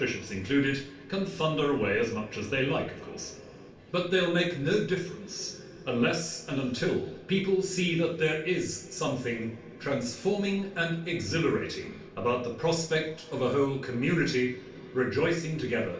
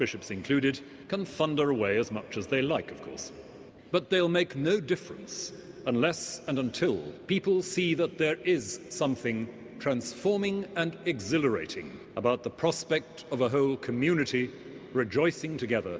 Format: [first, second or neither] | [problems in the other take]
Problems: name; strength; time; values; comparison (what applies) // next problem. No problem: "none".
second | room echo; dies away in 0.4 s